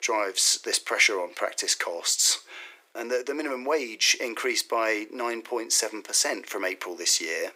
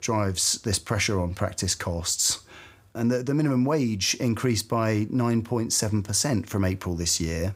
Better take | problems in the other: second | thin; very; fading below 350 Hz

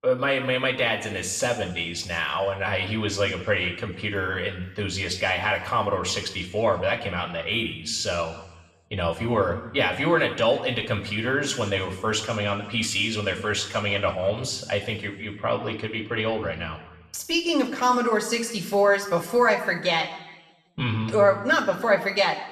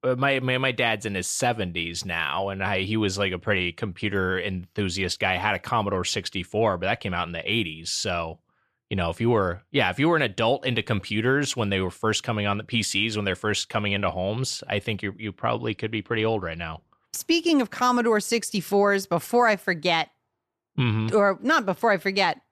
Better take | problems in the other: second | room echo; slight; dies away in 0.9 s // off-mic speech; somewhat distant

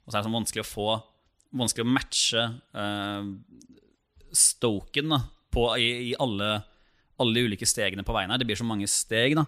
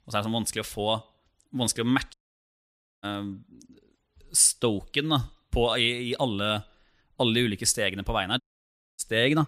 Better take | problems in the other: first | audio cutting out; at 2 s for 1 s and at 8.5 s for 0.5 s

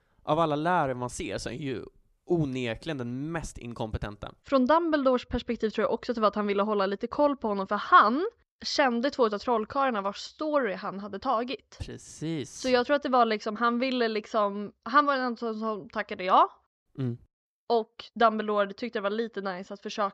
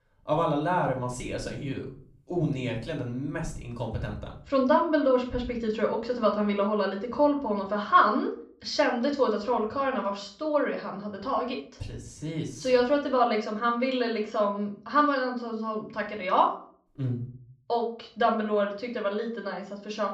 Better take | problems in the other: first | off-mic speech; far // room echo; slight; dies away in 0.4 s

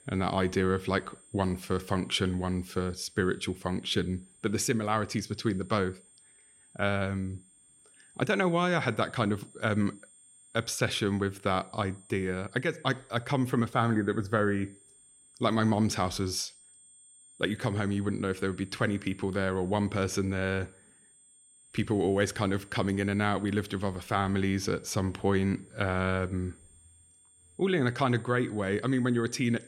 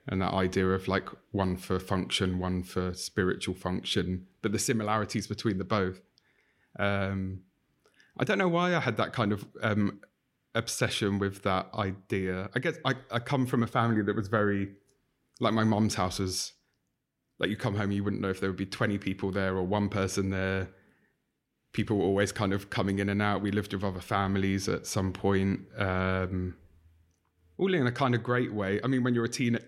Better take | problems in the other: second | high-pitched whine; faint; throughout; 8.5 kHz, 25 dB below the speech

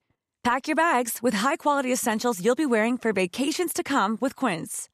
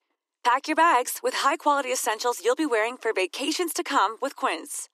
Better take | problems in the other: first | thin; somewhat; fading below 300 Hz

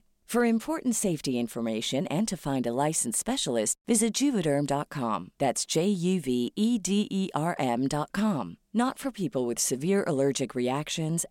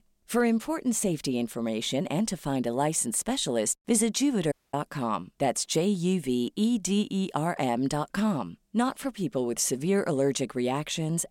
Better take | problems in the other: first | audio cutting out; at 4.5 s

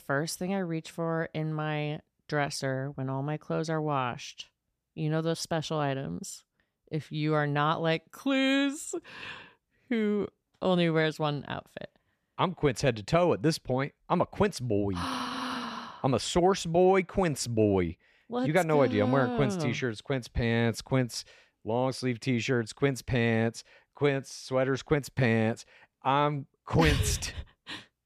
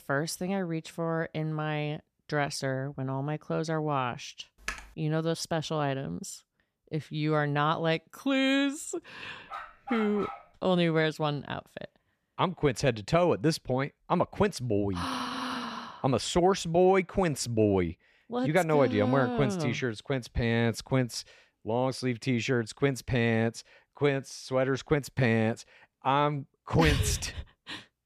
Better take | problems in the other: first | keyboard typing; noticeable; at 4.5 s; peak 10 dB below the speech // dog barking; noticeable; at 9.5 s; peak 8 dB below the speech

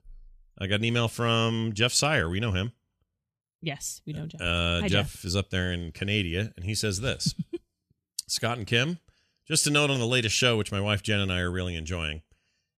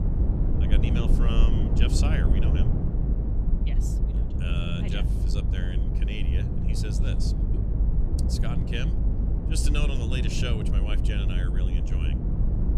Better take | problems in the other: first | low rumble; loud; throughout; 2 dB below the speech

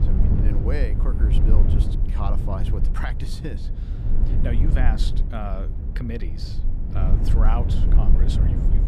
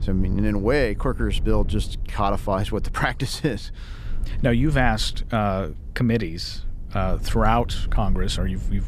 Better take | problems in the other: second | low rumble; loud; throughout; 3 dB below the speech; faint in the second

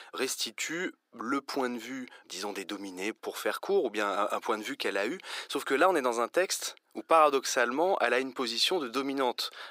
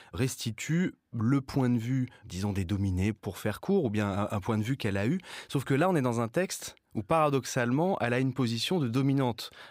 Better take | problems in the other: second | thin; very; fading below 350 Hz

